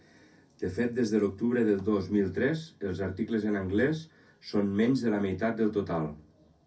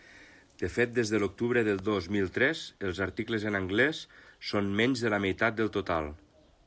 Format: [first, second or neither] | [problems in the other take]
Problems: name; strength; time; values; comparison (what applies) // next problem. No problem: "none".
second | room echo; dies away in 0.3 s